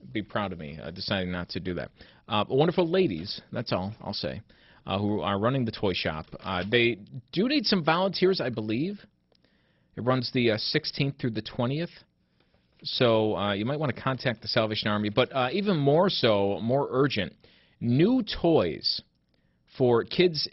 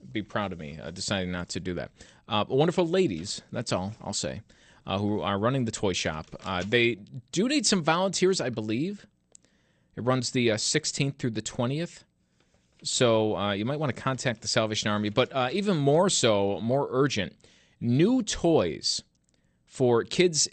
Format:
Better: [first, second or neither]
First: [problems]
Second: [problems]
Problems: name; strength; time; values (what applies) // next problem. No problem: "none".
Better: second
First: garbled, watery; badly; nothing above 5.5 kHz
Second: garbled, watery; slightly; nothing above 8.5 kHz